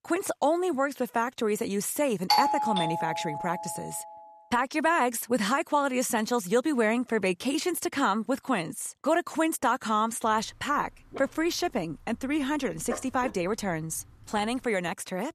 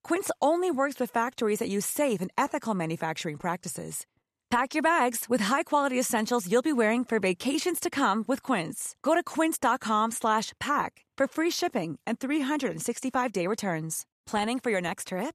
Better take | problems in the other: second | doorbell; loud; from 2.5 to 3.5 s; peak 4 dB above the speech // dog barking; noticeable; from 11 to 14 s; peak 10 dB below the speech

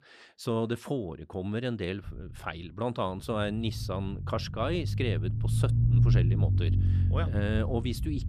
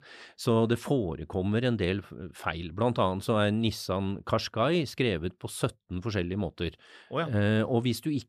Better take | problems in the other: second | low rumble; loud; from 2 s on; 6 dB below the speech

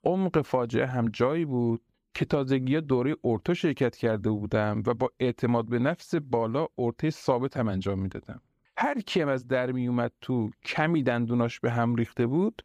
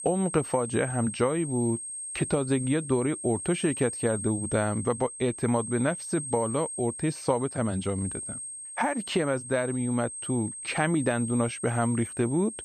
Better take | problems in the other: first | high-pitched whine; loud; throughout; 8.5 kHz, 7 dB below the speech

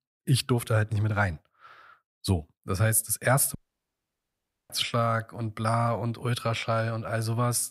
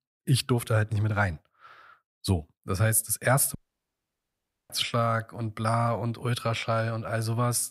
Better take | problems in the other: neither | audio cutting out; at 3.5 s for 1 s; the same in both

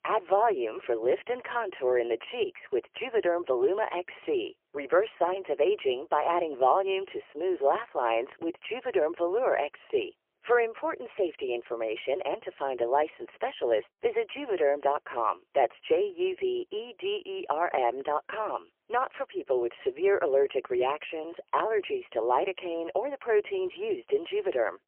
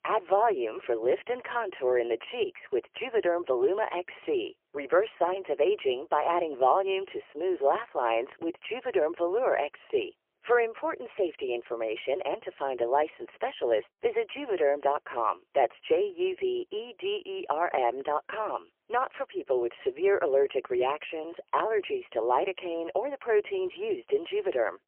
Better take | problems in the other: neither | phone-call audio; poor line; nothing above 3 kHz; the same in both

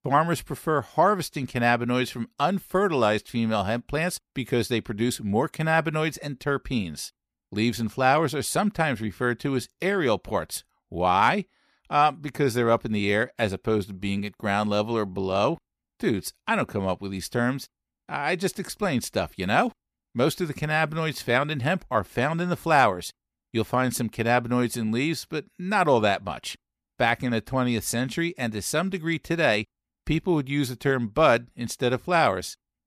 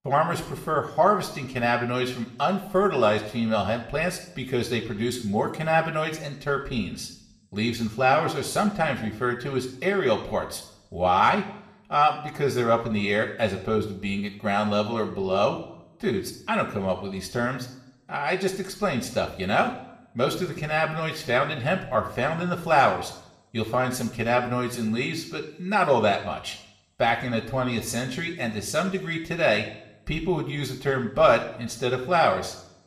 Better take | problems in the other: first | room echo; slight; dies away in 0.6 s // off-mic speech; somewhat distant

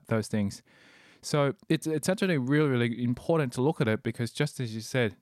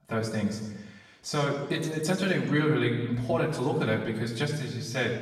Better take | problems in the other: first | room echo; noticeable; dies away in 1.1 s // off-mic speech; far

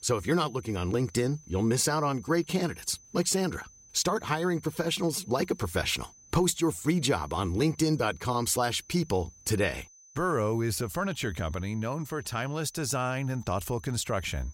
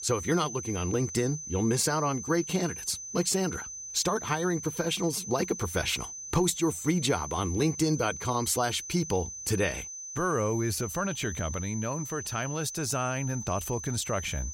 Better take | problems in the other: first | high-pitched whine; loud; throughout; 6 kHz, 8 dB below the speech; faint in the first

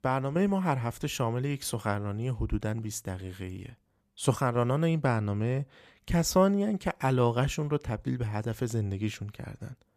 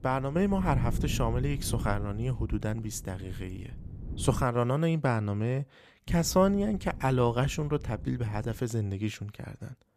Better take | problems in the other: first | wind noise on the microphone; occasional gusts; until 4.5 s and from 6 to 8.5 s; 20 dB below the speech

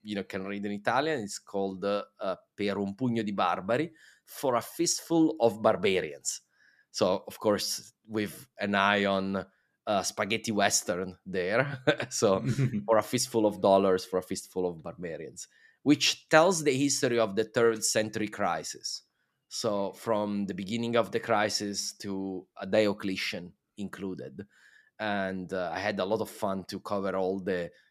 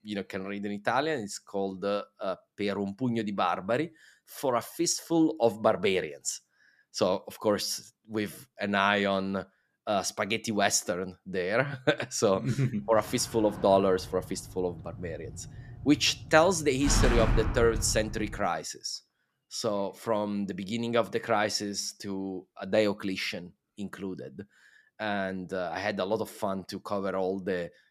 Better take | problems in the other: first | door banging; loud; from 13 to 18 s; peak 2 dB above the speech

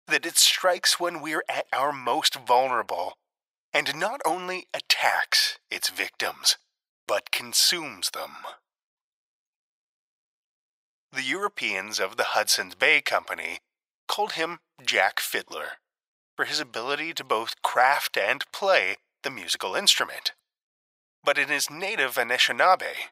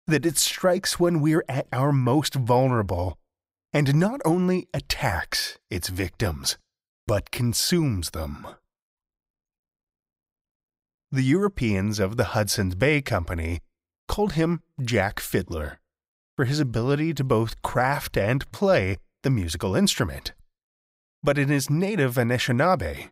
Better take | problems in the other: second | thin; very; fading below 800 Hz

